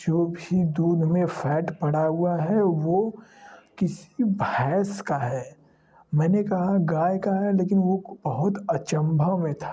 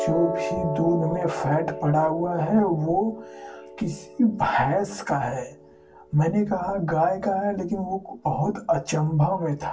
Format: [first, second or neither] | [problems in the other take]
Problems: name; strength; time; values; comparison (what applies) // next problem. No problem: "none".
first | background sound (Piano); 11 dB below the speech // room echo; dies away in 0.2 s